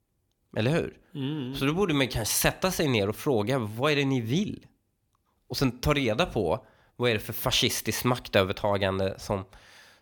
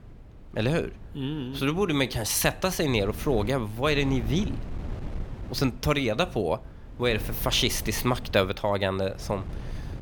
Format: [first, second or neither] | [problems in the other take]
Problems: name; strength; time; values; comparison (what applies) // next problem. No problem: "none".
first | wind noise on the microphone; occasional gusts; 20 dB below the speech